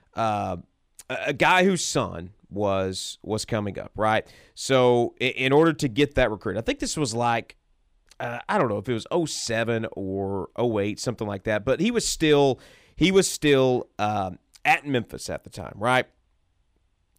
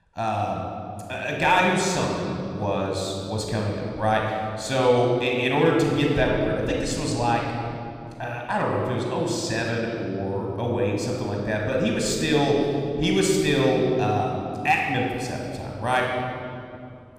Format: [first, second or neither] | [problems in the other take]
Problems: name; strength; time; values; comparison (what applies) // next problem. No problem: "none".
first | room echo; noticeable; dies away in 2.5 s // off-mic speech; somewhat distant